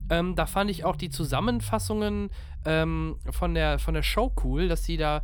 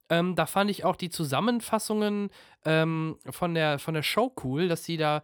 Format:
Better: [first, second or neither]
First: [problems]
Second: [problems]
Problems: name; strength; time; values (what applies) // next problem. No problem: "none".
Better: second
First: low rumble; faint; throughout; 25 dB below the speech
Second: none